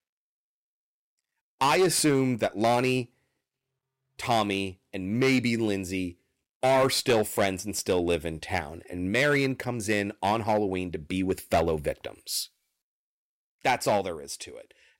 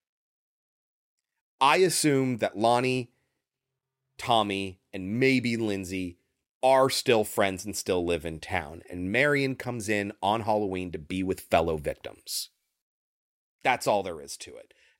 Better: second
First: distortion; slight; 4% of the sound clipped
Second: none

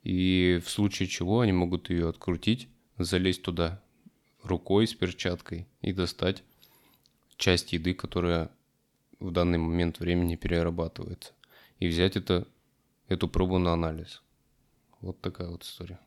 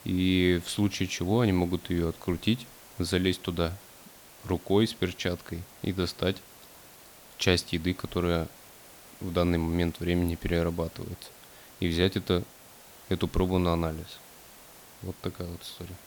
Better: first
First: none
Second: hiss; faint; throughout; 20 dB below the speech

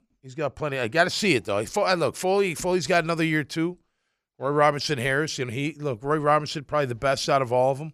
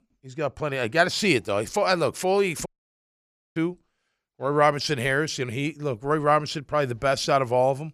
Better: first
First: none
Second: audio cutting out; at 2.5 s for 1 s

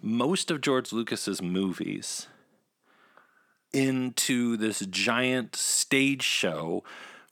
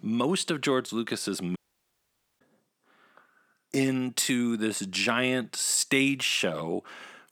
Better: first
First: none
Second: audio cutting out; at 1.5 s for 1 s

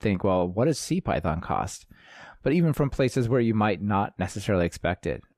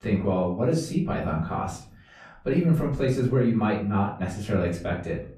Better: first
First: none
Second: room echo; slight; dies away in 0.4 s // off-mic speech; far

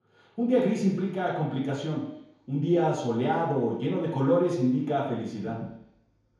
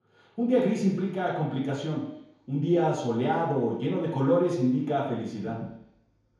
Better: neither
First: room echo; noticeable; dies away in 0.9 s // off-mic speech; far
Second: room echo; noticeable; dies away in 0.9 s // off-mic speech; far

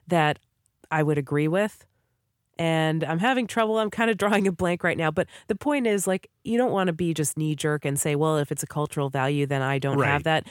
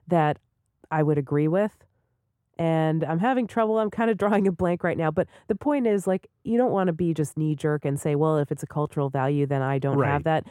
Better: first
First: none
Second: muffled; slightly; fading above 1.5 kHz

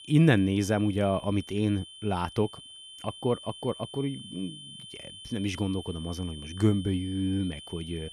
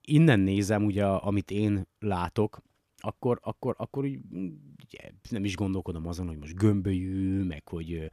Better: second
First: high-pitched whine; noticeable; throughout; 3 kHz, 15 dB below the speech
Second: none

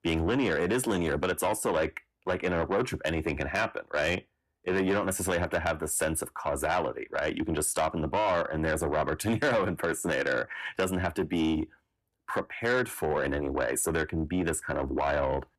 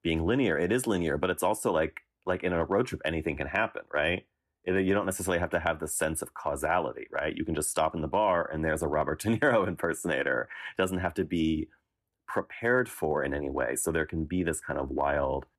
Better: second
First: distortion; slight; 10 dB below the speech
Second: none

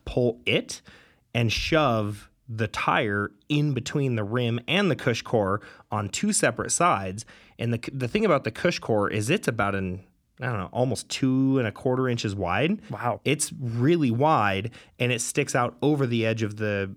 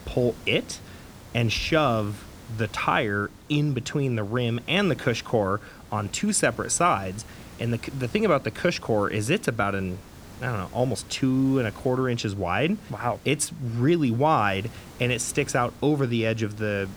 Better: first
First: none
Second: hiss; faint; throughout; 20 dB below the speech

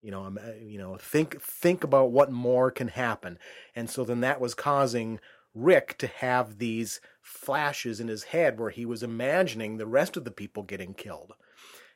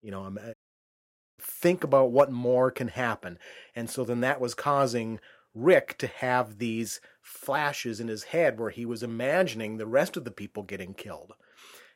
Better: first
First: none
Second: audio cutting out; at 0.5 s for 1 s

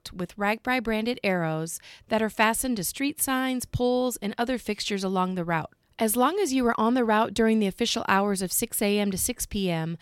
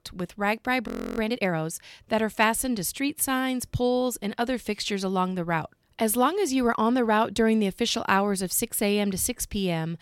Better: first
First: none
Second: audio freezing; at 1 s

